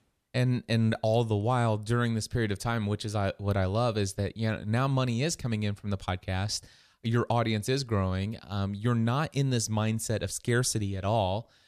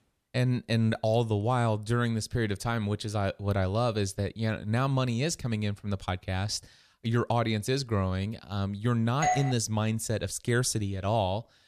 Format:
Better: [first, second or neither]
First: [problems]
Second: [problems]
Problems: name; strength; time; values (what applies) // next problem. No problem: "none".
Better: first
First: none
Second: doorbell; loud; at 9 s; peak level with the speech